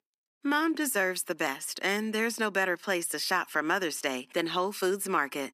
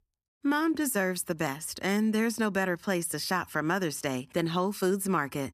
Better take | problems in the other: second | thin; somewhat; fading below 250 Hz

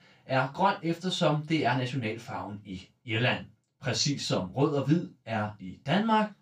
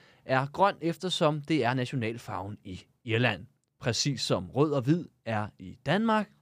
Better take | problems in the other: second | room echo; slight; dies away in 0.2 s // off-mic speech; far

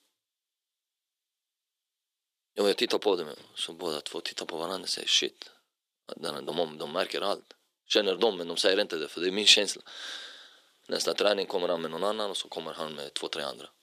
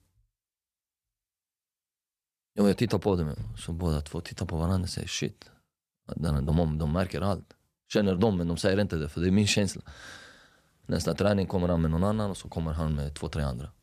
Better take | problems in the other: second | thin; very; fading below 350 Hz

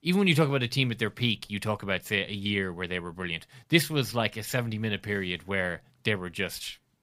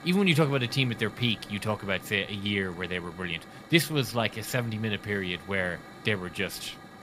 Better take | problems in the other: first | hiss; noticeable; throughout; 15 dB below the speech

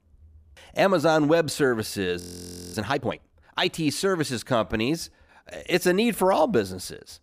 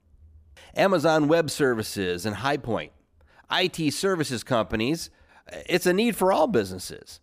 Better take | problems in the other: second | audio freezing; at 2 s for 0.5 s

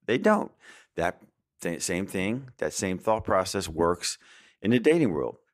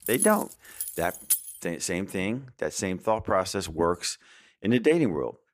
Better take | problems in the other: first | jangling keys; loud; until 1.5 s; peak 1 dB above the speech

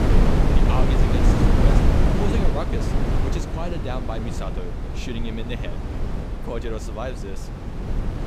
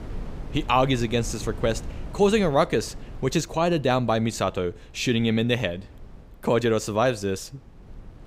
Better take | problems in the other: second | wind noise on the microphone; heavy; 3 dB above the speech; occasional gusts in the second

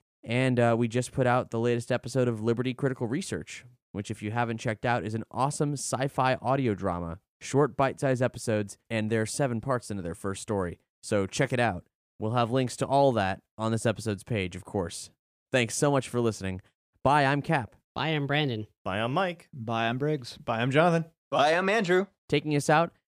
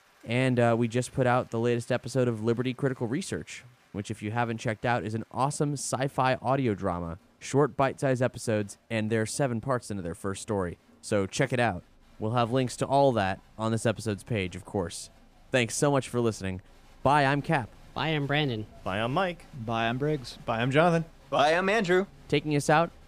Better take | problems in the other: first | crowd noise; faint; throughout; 30 dB below the speech

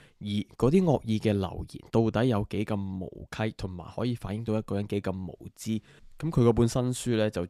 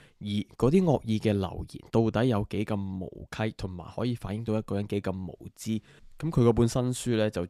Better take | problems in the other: neither | none

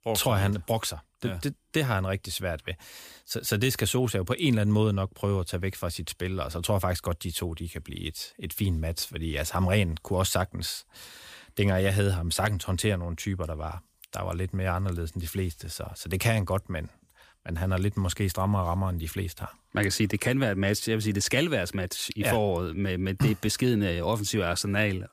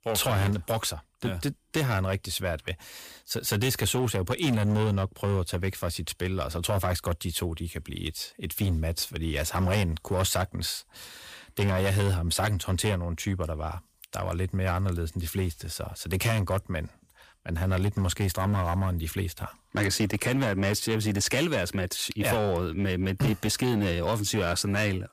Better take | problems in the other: first | distortion; slight; 7% of the sound clipped

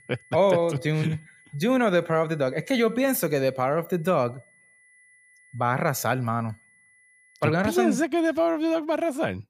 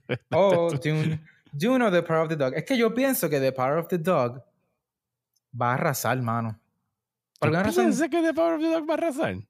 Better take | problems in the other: second | high-pitched whine; faint; until 7.5 s; 2 kHz, 30 dB below the speech

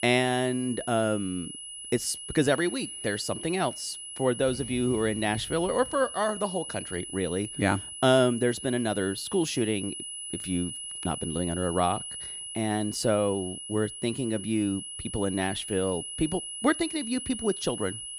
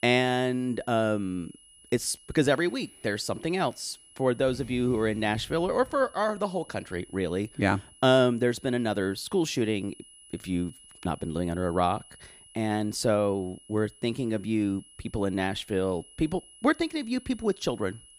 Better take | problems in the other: second | high-pitched whine; loud; throughout; 10 kHz, 8 dB below the speech; faint in the second

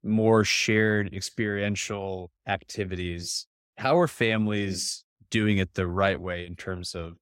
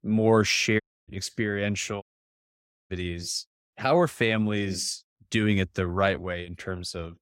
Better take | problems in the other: first | audio cutting out; at 1 s and at 2 s for 1 s

